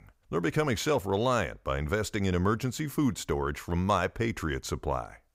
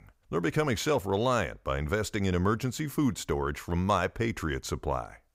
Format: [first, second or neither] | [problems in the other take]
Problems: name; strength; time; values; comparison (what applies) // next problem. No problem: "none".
neither | none